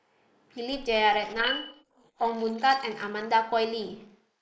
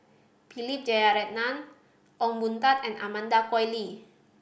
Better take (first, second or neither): second